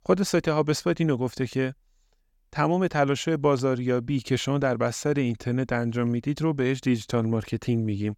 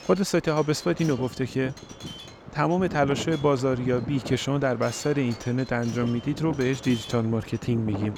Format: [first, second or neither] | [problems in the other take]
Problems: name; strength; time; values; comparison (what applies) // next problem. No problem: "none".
first | wind noise on the microphone; occasional gusts; 15 dB below the speech